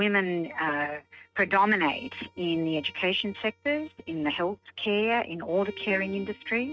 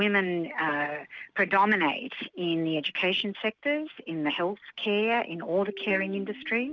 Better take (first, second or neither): second